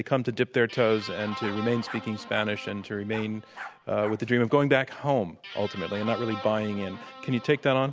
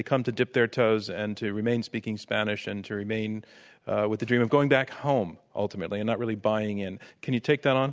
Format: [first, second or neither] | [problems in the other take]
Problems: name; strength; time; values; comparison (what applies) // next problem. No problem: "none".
second | background sound (Bark + Guitar); 15 dB below the speech